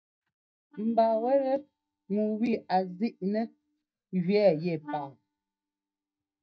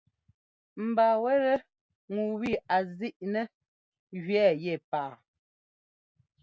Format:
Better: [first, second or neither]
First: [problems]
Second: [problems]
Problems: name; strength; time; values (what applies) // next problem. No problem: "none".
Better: second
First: noise reduction (neural mask model DeepFilterNet 3)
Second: none